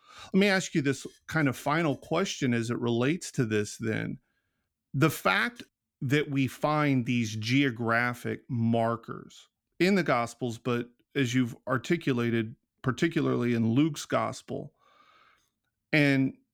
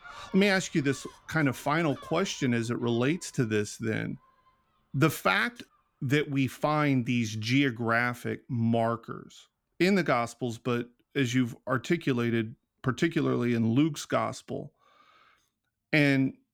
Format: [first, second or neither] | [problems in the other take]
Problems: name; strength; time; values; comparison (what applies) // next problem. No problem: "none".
first | animal sounds; faint; throughout; 25 dB below the speech